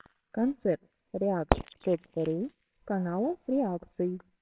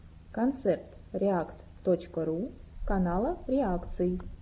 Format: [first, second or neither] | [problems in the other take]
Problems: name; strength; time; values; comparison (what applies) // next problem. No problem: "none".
second | noise reduction (neural separator model SepFormer WHAMR!)